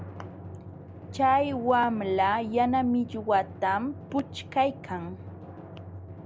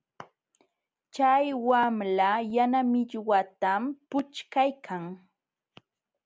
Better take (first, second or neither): second